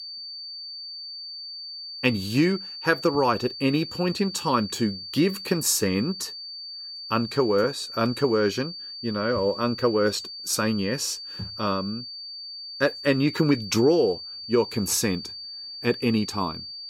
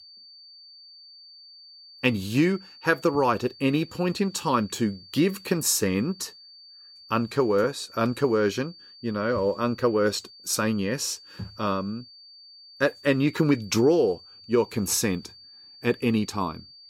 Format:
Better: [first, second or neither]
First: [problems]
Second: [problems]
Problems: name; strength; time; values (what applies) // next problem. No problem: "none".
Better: second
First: high-pitched whine; loud; throughout; 4.5 kHz, 10 dB below the speech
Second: high-pitched whine; faint; throughout; 4.5 kHz, 20 dB below the speech